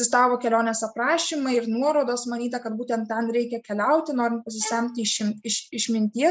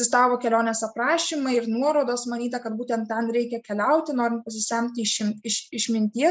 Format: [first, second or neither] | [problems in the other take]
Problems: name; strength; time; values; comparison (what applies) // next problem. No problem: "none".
second | background sound (Bowed string instrument); 18 dB below the speech